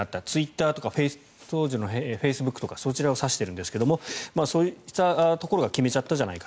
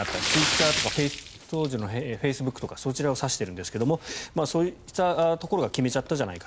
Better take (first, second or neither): first